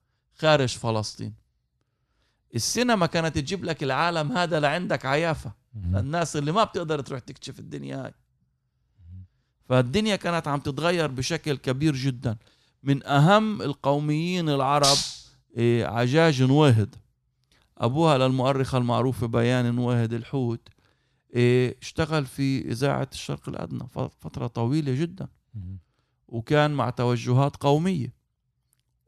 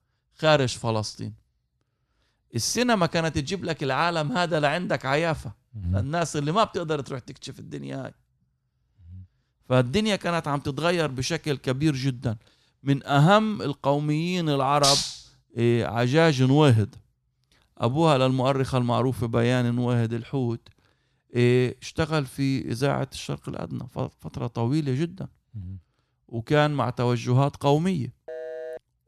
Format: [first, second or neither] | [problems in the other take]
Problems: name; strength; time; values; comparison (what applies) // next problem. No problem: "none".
first | phone ringing; faint; at 28 s; peak 10 dB below the speech